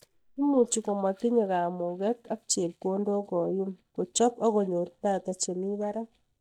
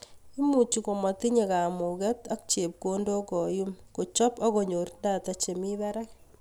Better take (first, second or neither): second